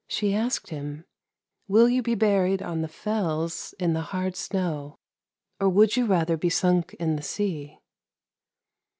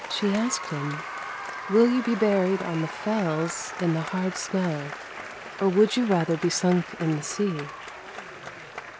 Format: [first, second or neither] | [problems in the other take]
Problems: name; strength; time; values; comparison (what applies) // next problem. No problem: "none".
first | background sound (Applause); 10 dB below the speech